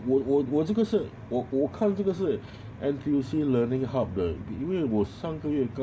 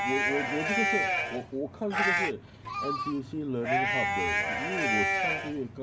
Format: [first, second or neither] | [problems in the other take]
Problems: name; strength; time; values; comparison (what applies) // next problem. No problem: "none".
first | background sound (Livestock, farm animals, working animals); 4 dB above the speech